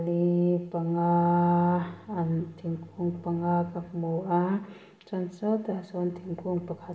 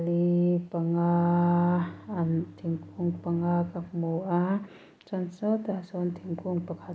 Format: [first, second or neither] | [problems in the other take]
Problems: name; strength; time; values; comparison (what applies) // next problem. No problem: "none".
second | room echo; dies away in 0.7 s